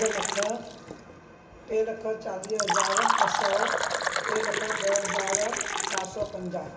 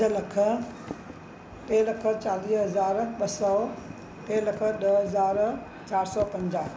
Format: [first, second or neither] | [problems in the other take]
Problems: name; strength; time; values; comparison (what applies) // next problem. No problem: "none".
second | background sound (Fill (with liquid)); 2 dB above the speech // room echo; dies away in 0.9 s